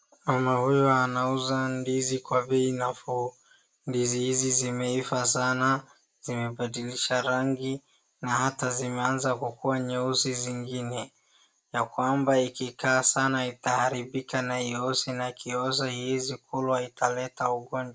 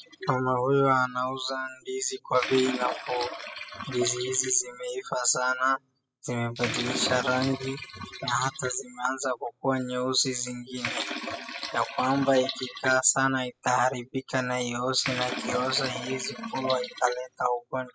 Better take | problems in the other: first | noise reduction (classical method spectral subtraction)

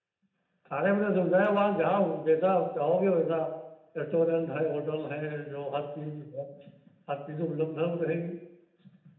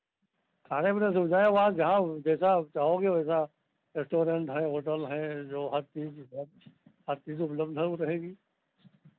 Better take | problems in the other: second | room echo; dies away in 0.8 s

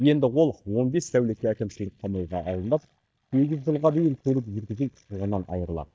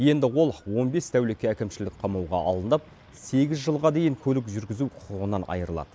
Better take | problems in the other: second | noise reduction (neural mask model DeepFilterNet 3)

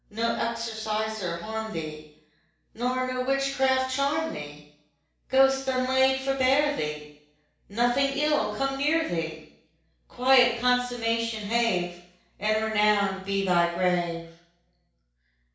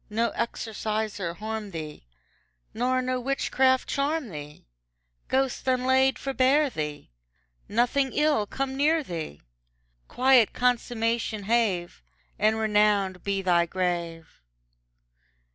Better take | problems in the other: second | room echo; dies away in 0.7 s

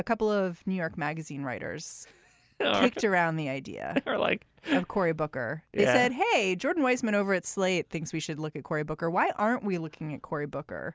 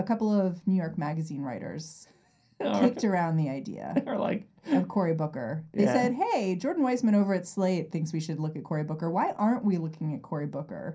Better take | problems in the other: first | room echo; dies away in 0.3 s

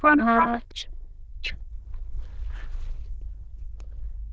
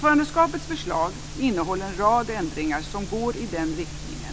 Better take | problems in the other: second | noise reduction (neural diffusion model UNIVERSE++)

